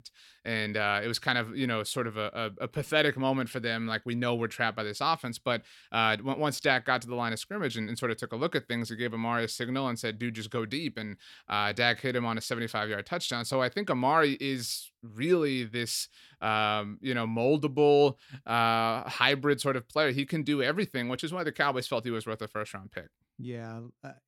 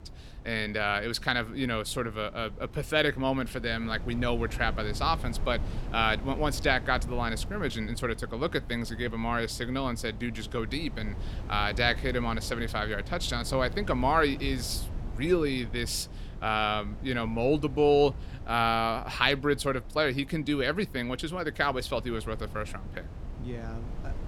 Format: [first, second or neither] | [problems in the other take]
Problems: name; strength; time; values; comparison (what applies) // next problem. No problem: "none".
first | wind noise on the microphone; occasional gusts; 20 dB below the speech